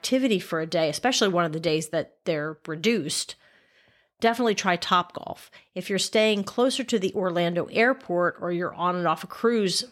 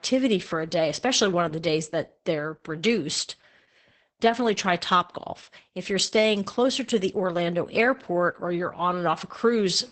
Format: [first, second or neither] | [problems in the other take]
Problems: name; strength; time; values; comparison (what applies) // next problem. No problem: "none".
first | garbled, watery; badly; nothing above 8 kHz